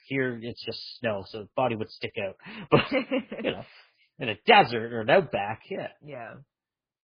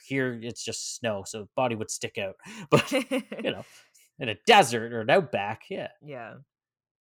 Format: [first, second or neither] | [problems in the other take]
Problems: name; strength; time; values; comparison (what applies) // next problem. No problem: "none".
second | garbled, watery; badly; nothing above 4 kHz